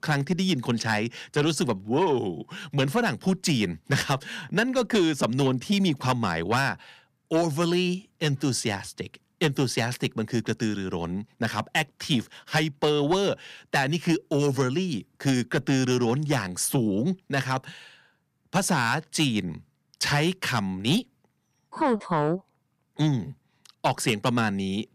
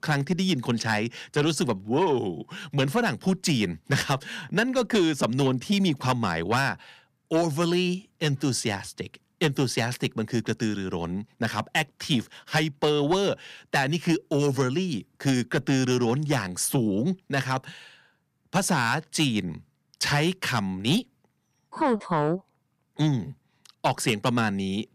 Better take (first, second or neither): neither